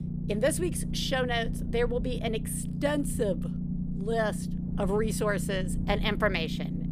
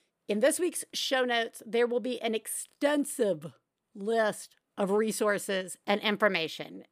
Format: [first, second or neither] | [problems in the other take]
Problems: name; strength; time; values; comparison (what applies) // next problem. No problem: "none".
second | low rumble; noticeable; throughout; 10 dB below the speech